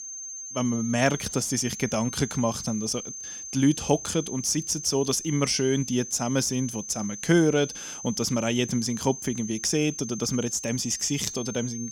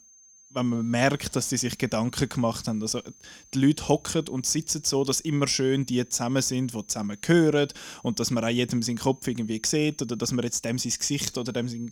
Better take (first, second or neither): second